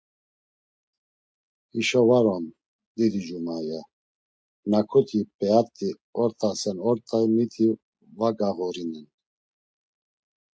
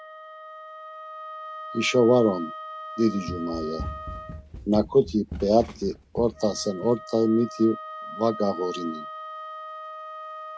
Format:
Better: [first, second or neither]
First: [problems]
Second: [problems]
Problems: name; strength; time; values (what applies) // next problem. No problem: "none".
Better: first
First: none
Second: background sound (Wind instrument, woodwind instrument + Run); 12 dB below the speech